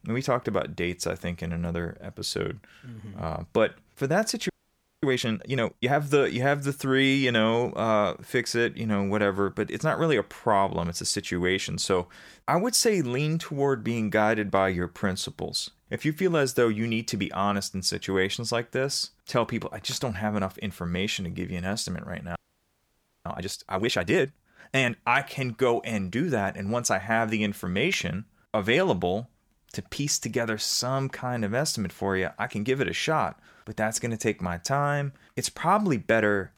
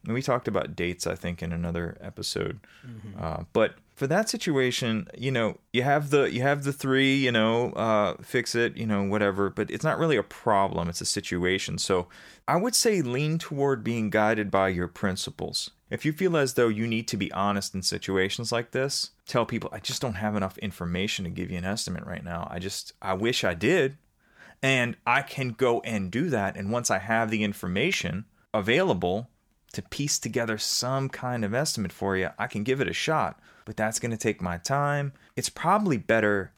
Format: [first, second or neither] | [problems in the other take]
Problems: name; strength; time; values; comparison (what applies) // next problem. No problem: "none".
second | audio freezing; at 4.5 s for 0.5 s and at 22 s for 1 s